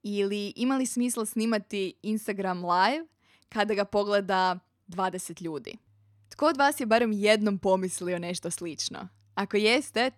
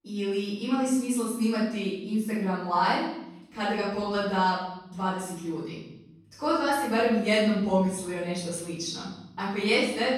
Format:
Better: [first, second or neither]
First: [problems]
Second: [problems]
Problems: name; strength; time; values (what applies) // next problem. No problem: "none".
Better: first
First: none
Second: off-mic speech; far // room echo; strong; dies away in 1.1 s